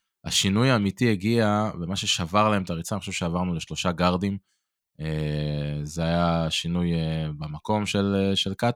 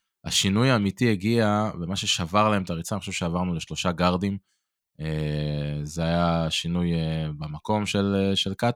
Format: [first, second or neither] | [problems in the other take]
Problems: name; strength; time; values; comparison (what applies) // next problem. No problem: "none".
neither | none